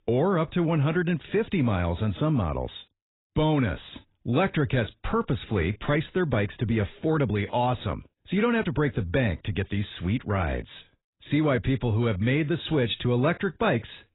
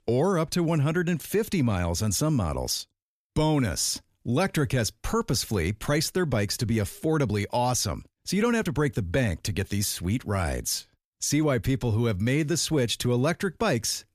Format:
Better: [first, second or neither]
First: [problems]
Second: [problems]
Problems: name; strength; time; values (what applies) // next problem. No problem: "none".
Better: second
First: garbled, watery; badly; nothing above 4 kHz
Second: none